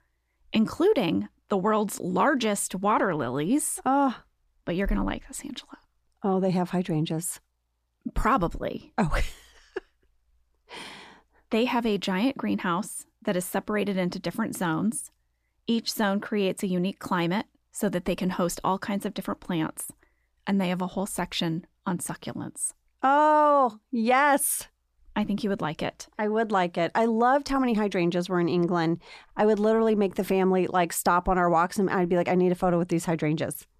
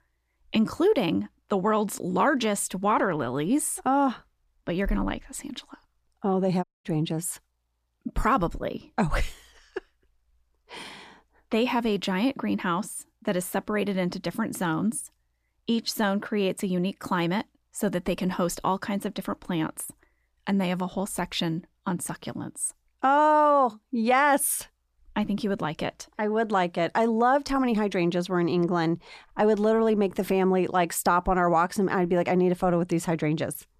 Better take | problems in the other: first | audio cutting out; at 6.5 s

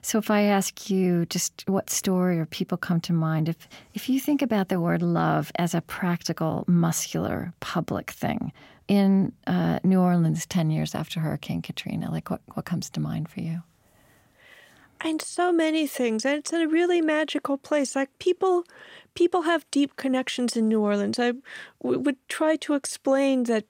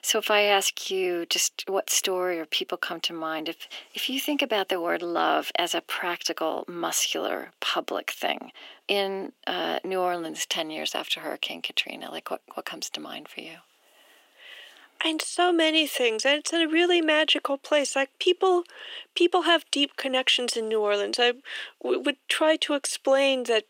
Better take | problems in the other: first | thin; very; fading below 350 Hz

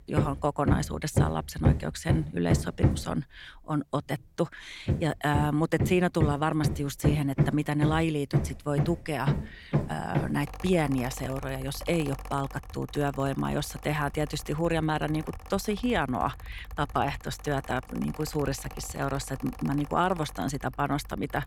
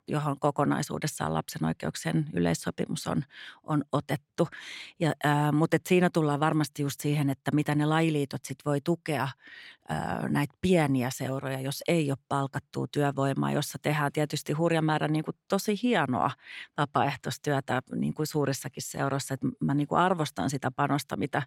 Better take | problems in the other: second | machinery noise; loud; throughout; 3 dB below the speech

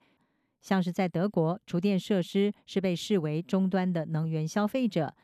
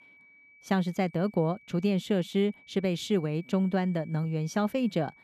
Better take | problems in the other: first | high-pitched whine; faint; throughout; 2.5 kHz, 25 dB below the speech

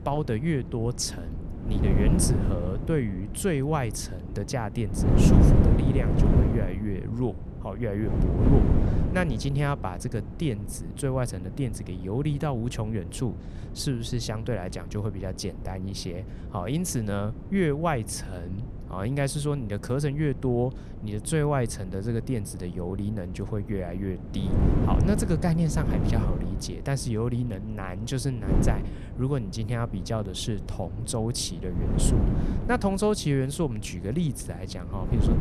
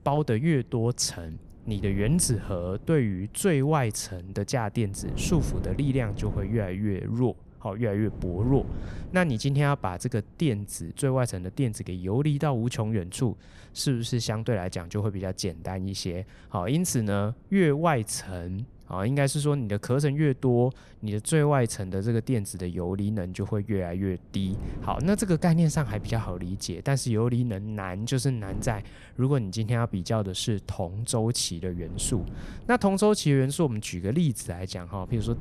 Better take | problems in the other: second | wind noise on the microphone; heavy; 5 dB below the speech; occasional gusts in the second

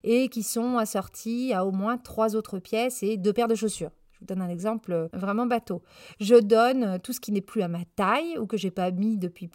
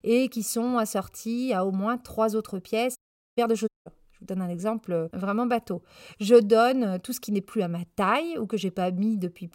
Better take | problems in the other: first | audio cutting out; at 3 s and at 3.5 s

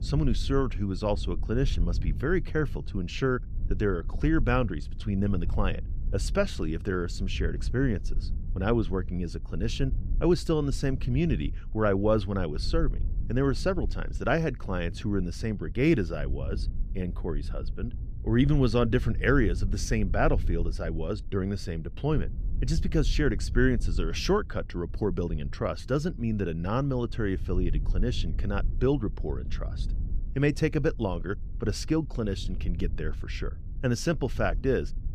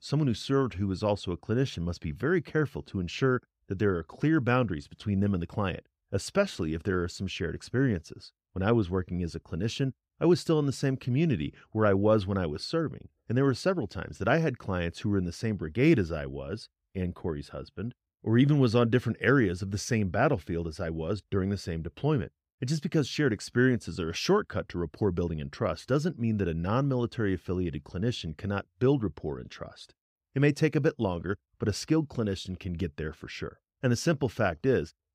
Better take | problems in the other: second | low rumble; faint; throughout; 20 dB below the speech

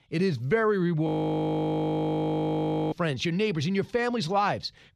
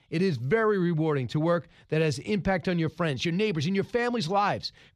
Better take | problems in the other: second | audio freezing; at 1 s for 2 s

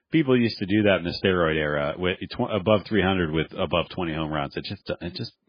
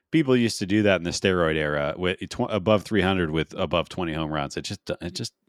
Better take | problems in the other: second | garbled, watery; badly; nothing above 5 kHz

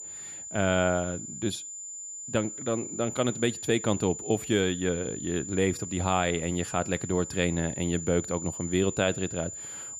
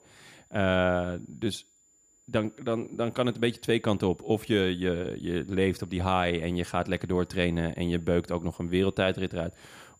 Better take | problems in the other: second | high-pitched whine; loud; throughout; 7 kHz, 8 dB below the speech; faint in the second

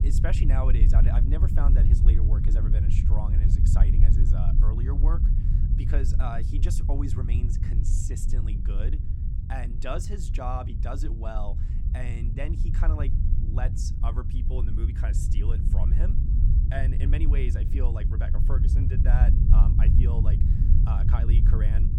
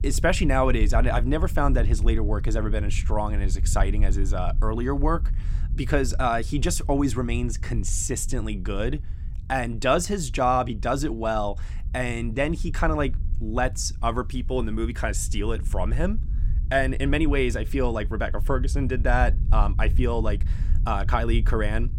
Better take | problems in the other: second | low rumble; loud; throughout; 2 dB below the speech; faint in the second

